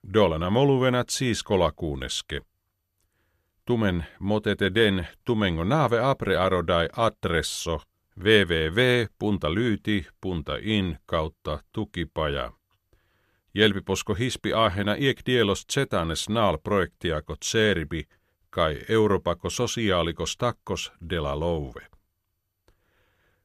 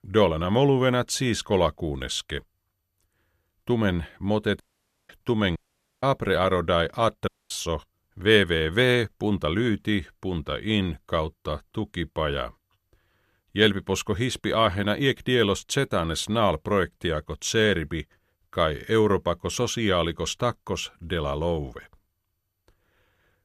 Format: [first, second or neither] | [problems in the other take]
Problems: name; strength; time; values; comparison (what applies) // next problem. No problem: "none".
first | audio cutting out; at 4.5 s, at 5.5 s and at 7.5 s